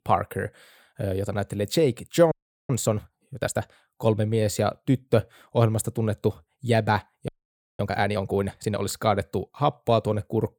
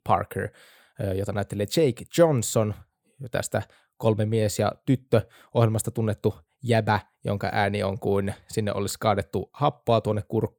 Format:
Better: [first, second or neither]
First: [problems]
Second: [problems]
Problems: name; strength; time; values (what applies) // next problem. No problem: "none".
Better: second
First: audio freezing; at 2.5 s and at 7.5 s for 0.5 s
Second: none